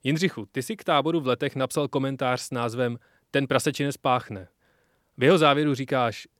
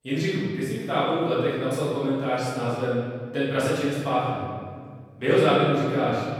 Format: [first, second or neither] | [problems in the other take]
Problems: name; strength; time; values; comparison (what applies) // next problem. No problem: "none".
first | room echo; strong; dies away in 1.9 s // off-mic speech; far